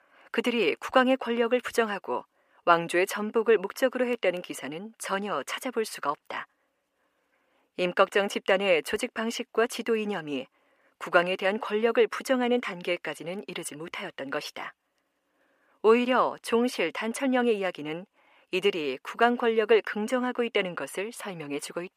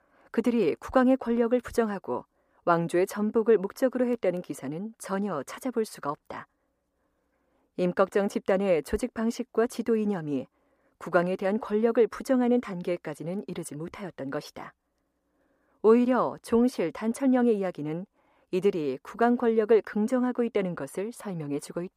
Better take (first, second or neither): second